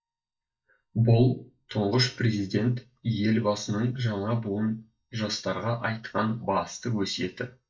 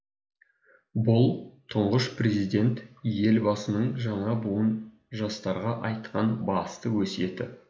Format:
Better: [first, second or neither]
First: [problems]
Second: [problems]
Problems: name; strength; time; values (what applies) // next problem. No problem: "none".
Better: second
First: noise reduction (neural mask model DeepFilterNet 3)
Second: none